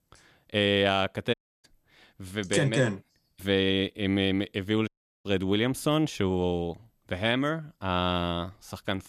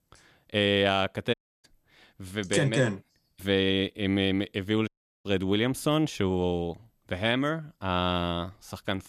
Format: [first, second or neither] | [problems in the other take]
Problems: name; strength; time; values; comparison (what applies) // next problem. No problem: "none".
neither | audio cutting out; at 1.5 s and at 5 s; the same in both